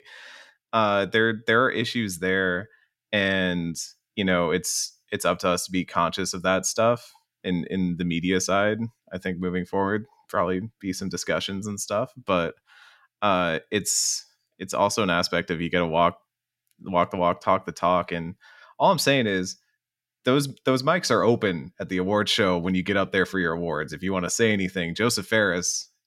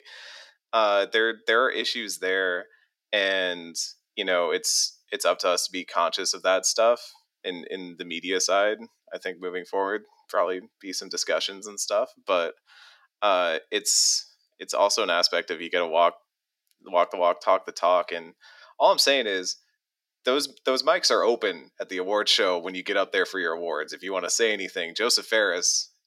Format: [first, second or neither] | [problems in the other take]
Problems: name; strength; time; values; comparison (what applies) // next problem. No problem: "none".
first | thin; somewhat; fading below 300 Hz